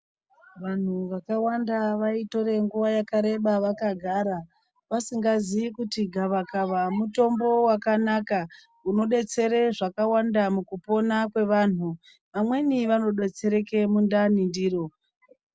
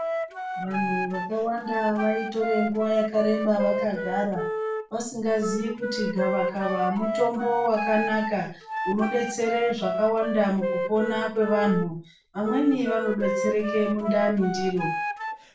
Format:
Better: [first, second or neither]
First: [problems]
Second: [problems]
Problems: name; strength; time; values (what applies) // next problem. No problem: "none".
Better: first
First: none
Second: background sound (Wind instrument, woodwind instrument); 4 dB below the speech // room echo; dies away in 0.3 s